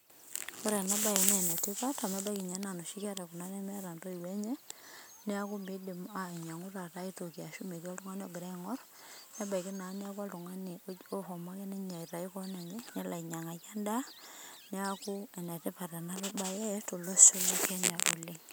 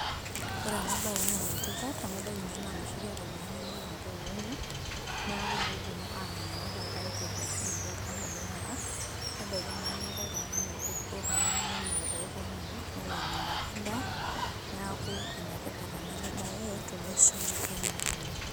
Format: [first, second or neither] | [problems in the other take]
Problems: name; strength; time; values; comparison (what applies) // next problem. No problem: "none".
first | background sound (Water); 2 dB above the speech